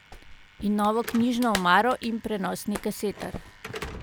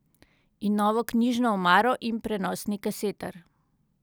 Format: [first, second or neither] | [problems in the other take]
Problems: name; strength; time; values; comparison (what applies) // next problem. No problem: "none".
second | background sound (Clapping + Slam / Alarm); 13 dB below the speech